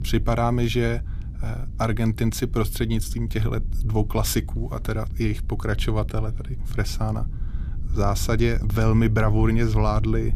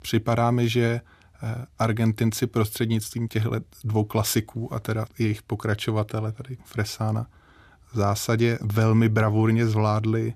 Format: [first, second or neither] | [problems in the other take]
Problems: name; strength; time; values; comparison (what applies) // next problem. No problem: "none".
second | low rumble; noticeable; throughout; 20 dB below the speech